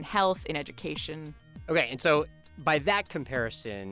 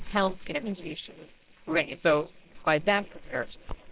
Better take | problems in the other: first | noise reduction (neural separator model SepFormer WHAMR!)

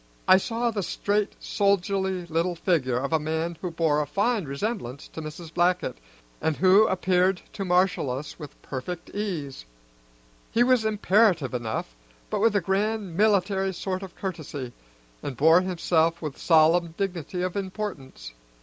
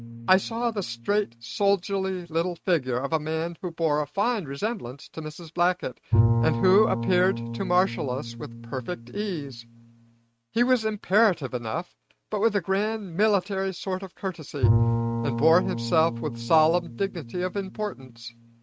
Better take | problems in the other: first | noise reduction (neural mask model RNNoise)

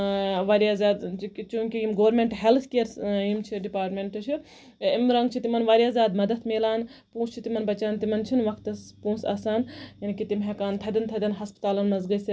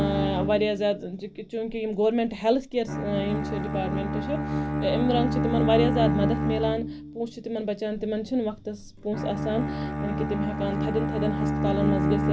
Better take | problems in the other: first | background sound (Bowed string instrument); 1 dB below the speech

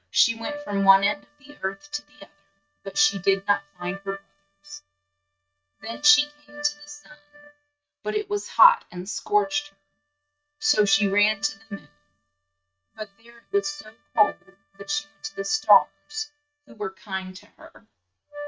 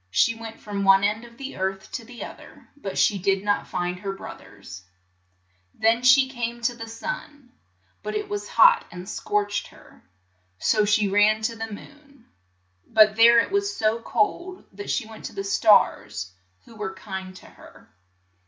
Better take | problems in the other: second | noise reduction (neural mask model RNNoise)

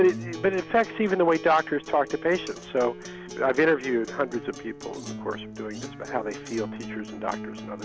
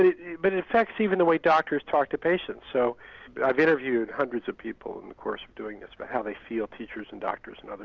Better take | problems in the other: second | background sound (Acoustic guitar); 12 dB below the speech

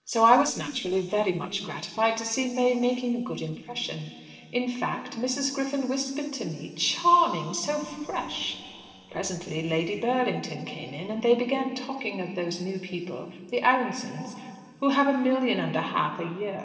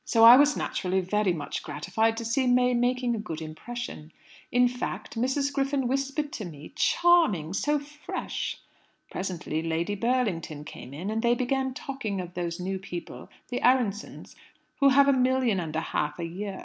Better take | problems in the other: second | noise reduction (neural separator model SepFormer DNS4)

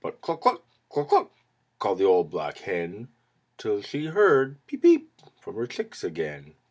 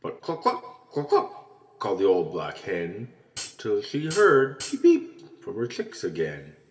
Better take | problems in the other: first | background sound (Hi-hat); 13 dB below the speech // room echo; dies away in 2.7 s

